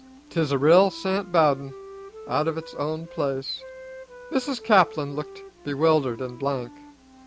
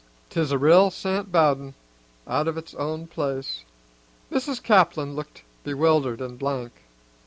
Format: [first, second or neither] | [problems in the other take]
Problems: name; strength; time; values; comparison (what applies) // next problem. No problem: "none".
second | background sound (Wind instrument, woodwind instrument); 19 dB below the speech